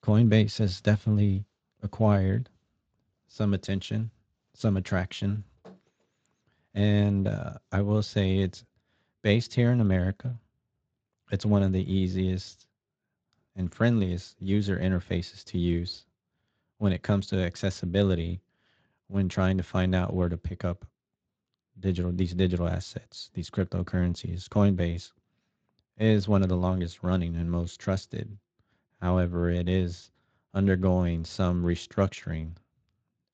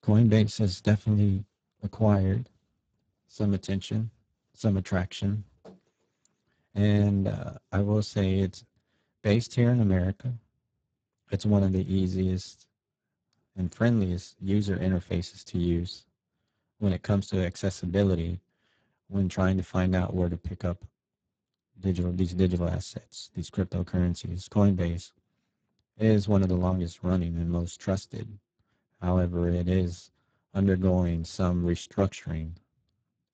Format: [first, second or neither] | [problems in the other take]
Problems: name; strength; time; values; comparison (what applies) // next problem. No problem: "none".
first | garbled, watery; badly; nothing above 7.5 kHz; slightly in the first